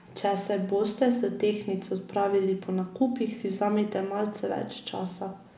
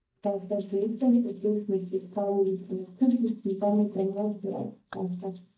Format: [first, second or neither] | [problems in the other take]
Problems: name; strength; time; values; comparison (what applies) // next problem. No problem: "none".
first | noise reduction (neural mask model DeepFilterNet 3)